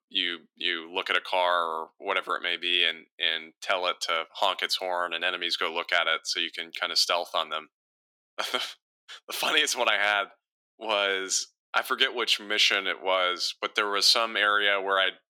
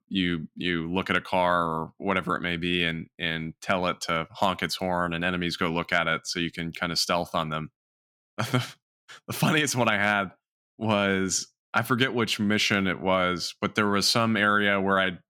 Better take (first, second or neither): second